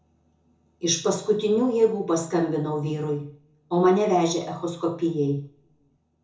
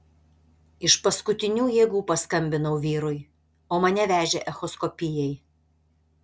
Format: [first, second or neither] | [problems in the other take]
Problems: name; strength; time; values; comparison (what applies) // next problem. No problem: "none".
second | room echo; dies away in 0.5 s